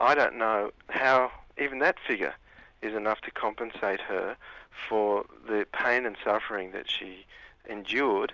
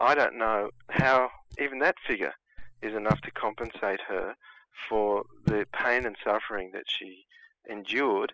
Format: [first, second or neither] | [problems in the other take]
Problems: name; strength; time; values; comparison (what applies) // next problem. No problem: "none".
first | noise reduction (classical method spectral subtraction)